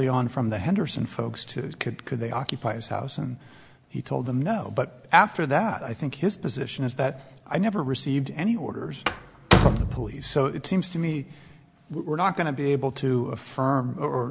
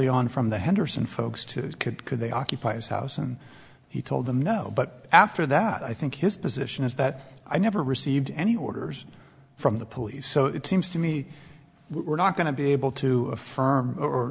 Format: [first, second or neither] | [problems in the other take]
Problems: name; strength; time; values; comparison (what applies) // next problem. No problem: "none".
second | background sound (Slam); 2 dB above the speech